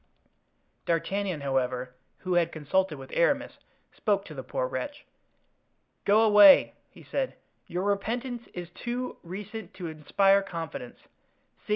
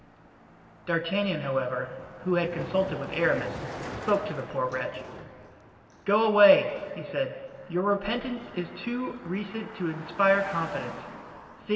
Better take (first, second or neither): first